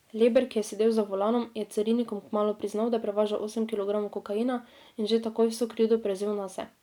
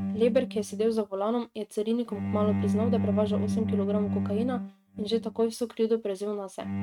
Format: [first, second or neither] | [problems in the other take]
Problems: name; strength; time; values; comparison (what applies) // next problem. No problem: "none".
first | noise reduction (neural mask model RNNoise)